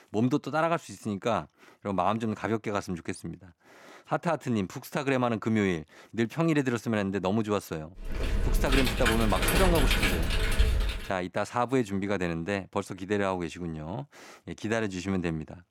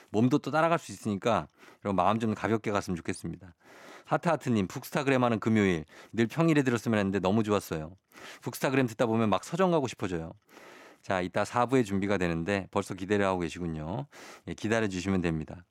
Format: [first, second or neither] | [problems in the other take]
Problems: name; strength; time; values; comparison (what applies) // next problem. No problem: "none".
second | keyboard typing; loud; from 8 to 11 s; peak 4 dB above the speech